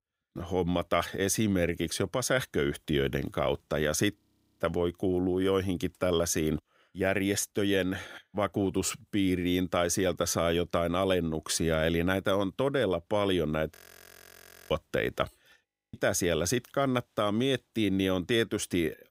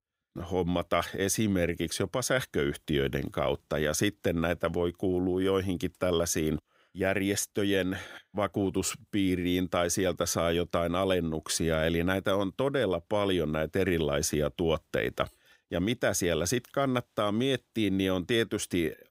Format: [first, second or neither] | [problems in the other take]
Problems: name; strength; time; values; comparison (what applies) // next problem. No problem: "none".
second | audio freezing; at 4 s, at 14 s for 1 s and at 16 s